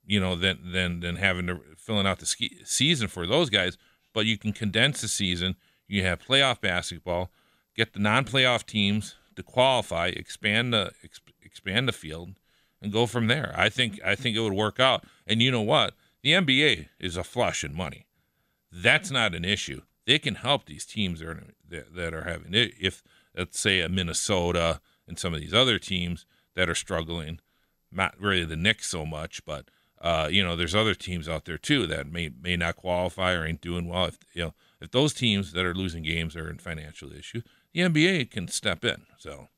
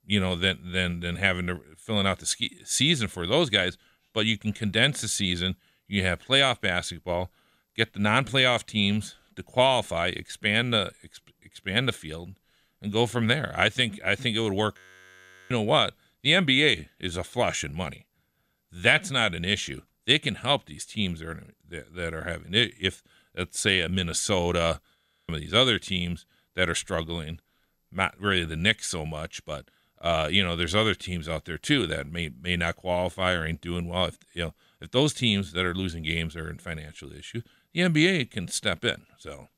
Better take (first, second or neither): first